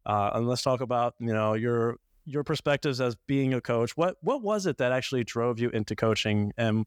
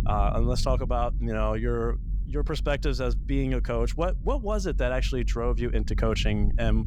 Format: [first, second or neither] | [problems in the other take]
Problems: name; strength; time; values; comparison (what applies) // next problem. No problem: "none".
first | low rumble; noticeable; throughout; 20 dB below the speech